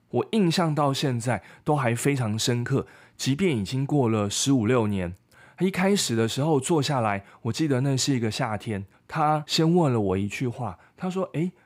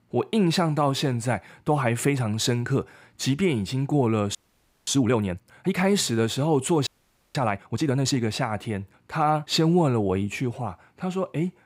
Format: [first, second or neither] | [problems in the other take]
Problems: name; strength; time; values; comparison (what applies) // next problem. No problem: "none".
first | audio freezing; at 4.5 s for 0.5 s and at 7 s